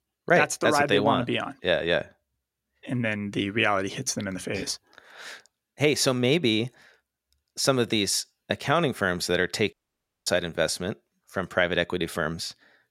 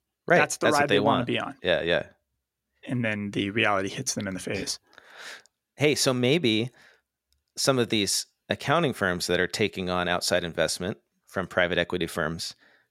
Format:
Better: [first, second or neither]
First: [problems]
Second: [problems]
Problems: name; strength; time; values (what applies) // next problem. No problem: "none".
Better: second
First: audio cutting out; at 9.5 s for 0.5 s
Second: none